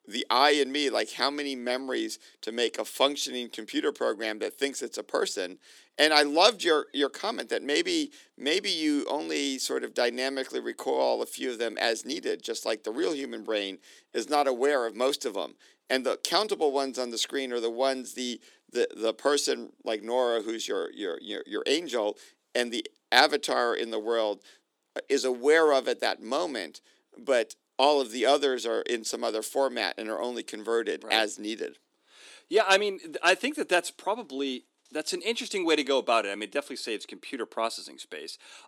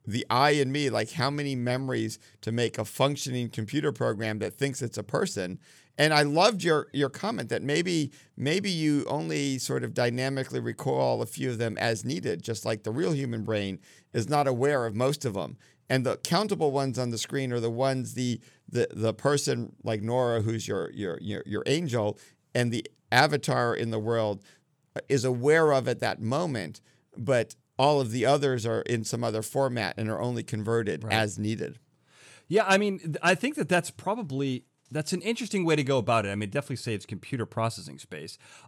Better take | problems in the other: second | thin; somewhat; fading below 250 Hz

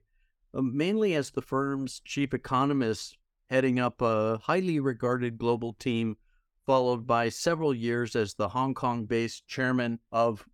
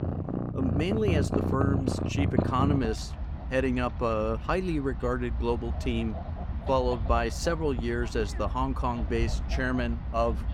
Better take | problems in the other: first | animal sounds; loud; throughout; 2 dB below the speech

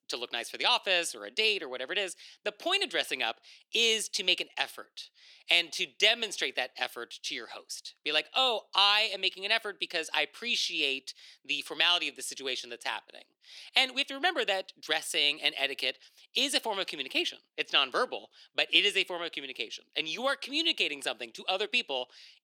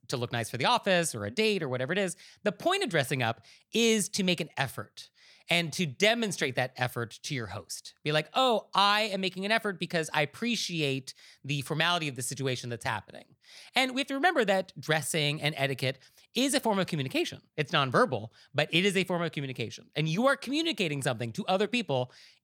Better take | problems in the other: second | thin; somewhat; fading below 300 Hz

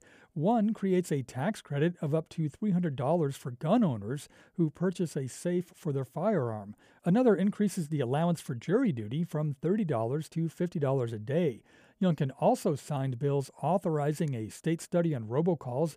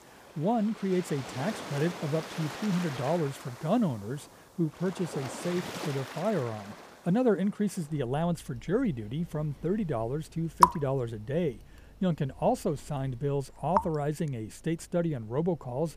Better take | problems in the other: first | rain or running water; loud; throughout; 3 dB below the speech

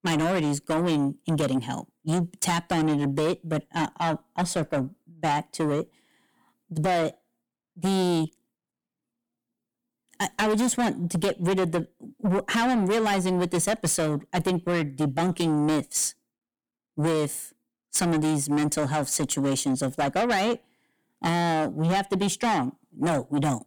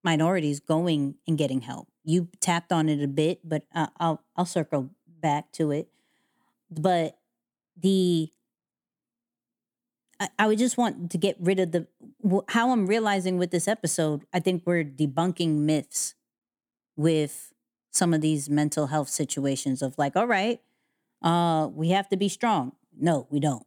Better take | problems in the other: second | distortion; heavy; 7 dB below the speech

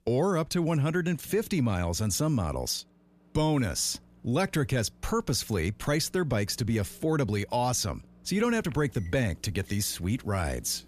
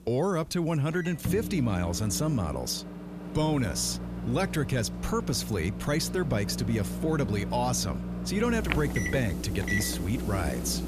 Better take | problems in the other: first | household noises; loud; throughout; 5 dB below the speech; faint in the first

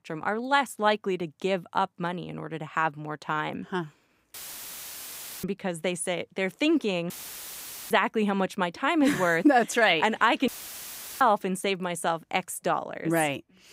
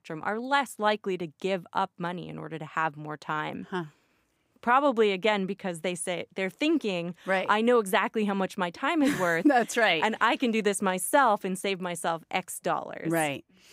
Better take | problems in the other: second | audio cutting out; filled with static; at 4.5 s for 1 s, at 7 s for 1 s and at 10 s for 0.5 s

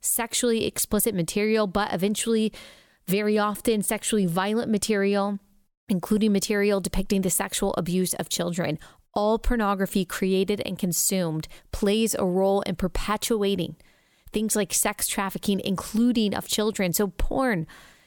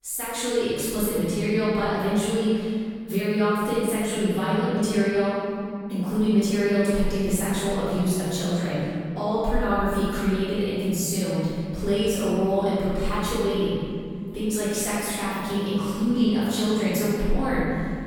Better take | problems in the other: first | off-mic speech; far // room echo; strong; dies away in 2.3 s

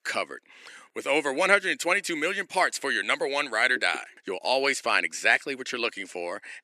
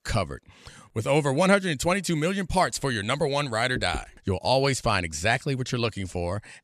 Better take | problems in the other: second | thin; somewhat; fading below 300 Hz

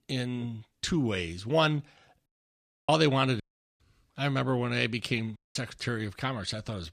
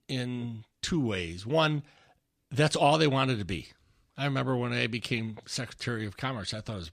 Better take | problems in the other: second | audio cutting out; at 2.5 s for 0.5 s, at 3.5 s and at 5.5 s

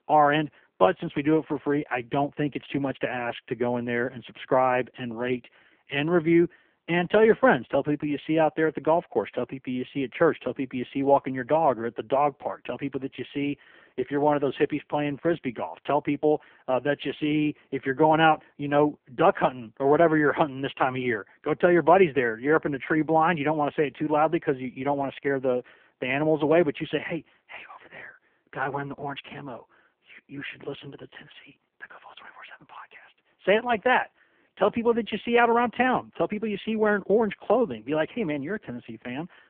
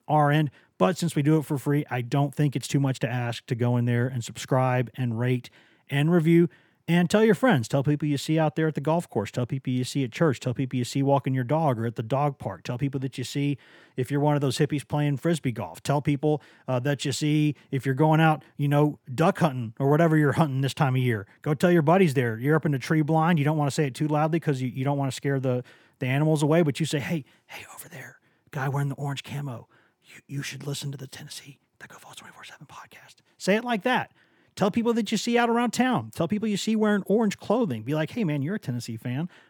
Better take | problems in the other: second | phone-call audio; poor line

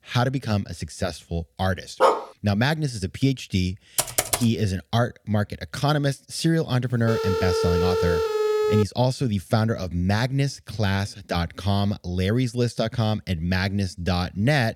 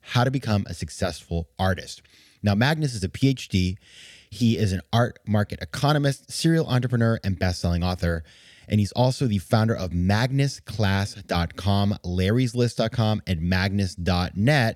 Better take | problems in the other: second | dog barking; loud; at 2 s; peak 4 dB above the speech // keyboard typing; loud; at 4 s; peak 2 dB above the speech // phone ringing; loud; from 7 to 9 s; peak 3 dB above the speech

